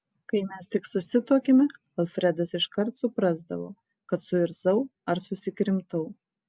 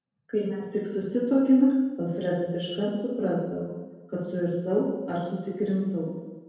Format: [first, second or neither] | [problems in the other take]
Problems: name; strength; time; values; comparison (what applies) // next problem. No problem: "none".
first | room echo; dies away in 1.2 s